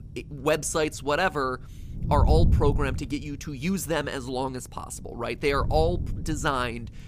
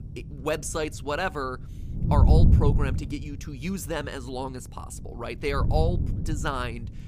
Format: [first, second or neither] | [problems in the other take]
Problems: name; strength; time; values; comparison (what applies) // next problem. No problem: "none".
first | wind noise on the microphone; heavy; 7 dB below the speech; occasional gusts in the first